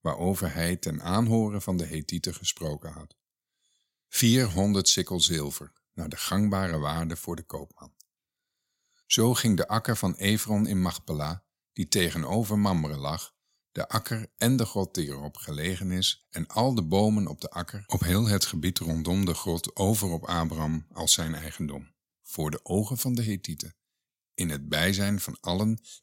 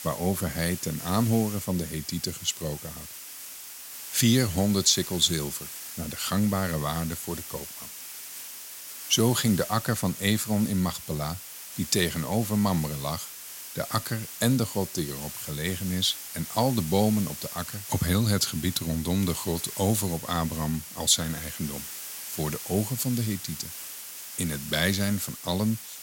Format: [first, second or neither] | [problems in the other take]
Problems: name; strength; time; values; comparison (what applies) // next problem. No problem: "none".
first | hiss; loud; throughout; 10 dB below the speech